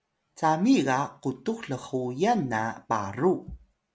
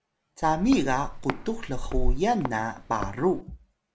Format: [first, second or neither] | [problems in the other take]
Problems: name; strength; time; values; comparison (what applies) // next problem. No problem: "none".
first | background sound (Walk, footsteps); 2 dB below the speech